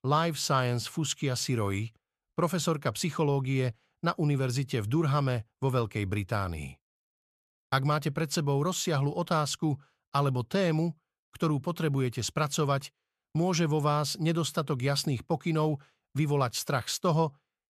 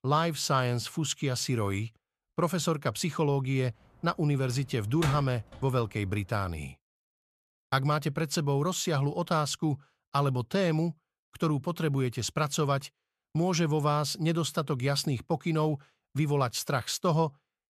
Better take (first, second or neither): first